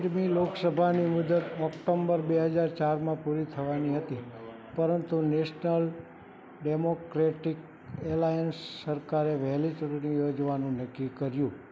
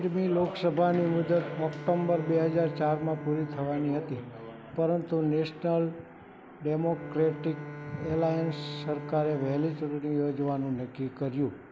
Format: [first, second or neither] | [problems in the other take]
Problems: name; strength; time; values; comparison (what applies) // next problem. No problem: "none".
first | background sound (Bowed string instrument); 13 dB below the speech